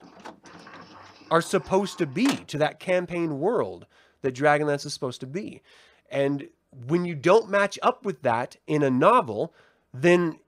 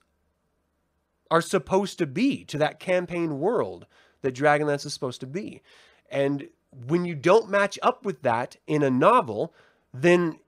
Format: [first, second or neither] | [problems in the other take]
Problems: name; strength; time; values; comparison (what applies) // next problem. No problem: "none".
second | door banging; noticeable; until 2.5 s; peak 9 dB below the speech